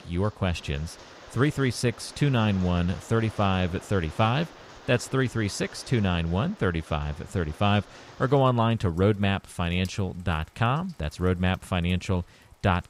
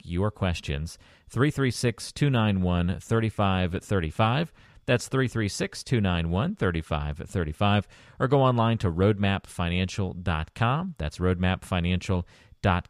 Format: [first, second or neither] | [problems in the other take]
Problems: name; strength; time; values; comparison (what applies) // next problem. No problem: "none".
second | rain or running water; faint; throughout; 20 dB below the speech